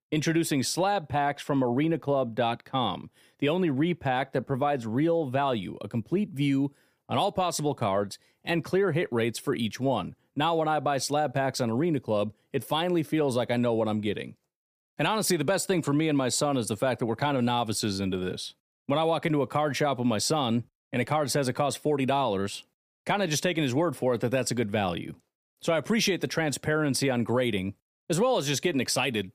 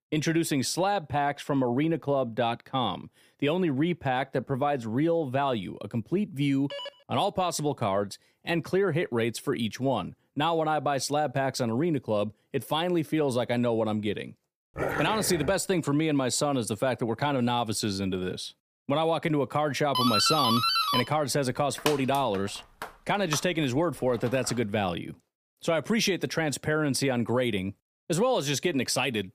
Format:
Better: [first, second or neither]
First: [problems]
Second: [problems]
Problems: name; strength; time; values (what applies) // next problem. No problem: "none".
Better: first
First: none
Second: phone ringing; faint; at 6.5 s; peak 10 dB below the speech // dog barking; noticeable; at 15 s; peak 3 dB below the speech // doorbell; loud; from 20 to 25 s; peak 4 dB above the speech